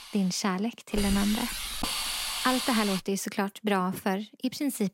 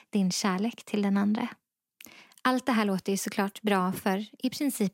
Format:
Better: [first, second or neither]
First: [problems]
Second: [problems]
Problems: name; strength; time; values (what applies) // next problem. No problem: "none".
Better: second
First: hiss; loud; until 3 s; 2 dB below the speech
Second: none